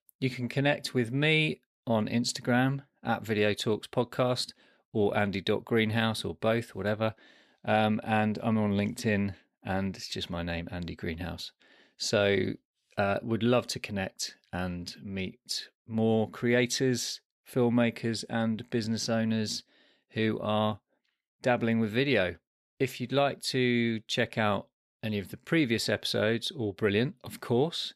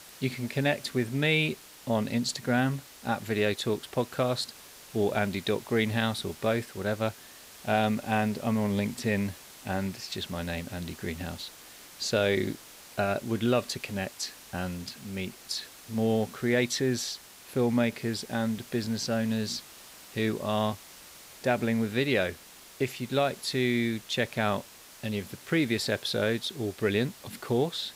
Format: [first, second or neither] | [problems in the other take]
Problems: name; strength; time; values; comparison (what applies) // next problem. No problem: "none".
first | hiss; noticeable; throughout; 15 dB below the speech